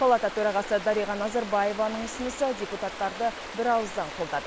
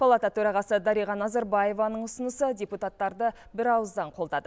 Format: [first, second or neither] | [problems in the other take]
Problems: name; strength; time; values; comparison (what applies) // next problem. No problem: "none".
second | background sound (Stream); 11 dB below the speech